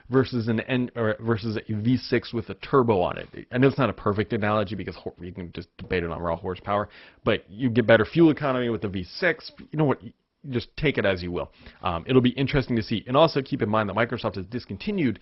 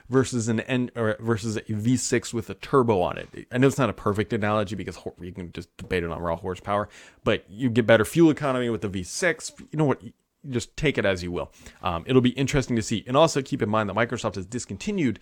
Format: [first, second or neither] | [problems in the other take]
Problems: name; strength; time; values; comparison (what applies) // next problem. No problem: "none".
second | garbled, watery; badly; nothing above 5.5 kHz